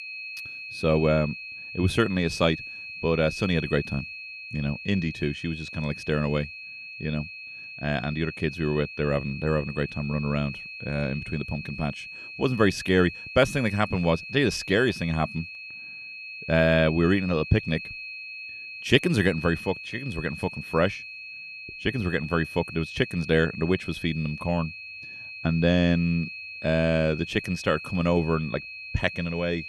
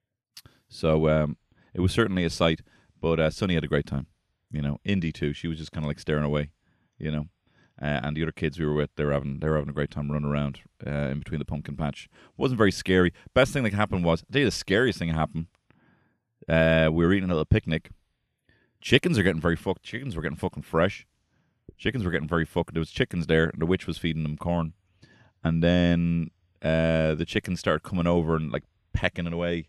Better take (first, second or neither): second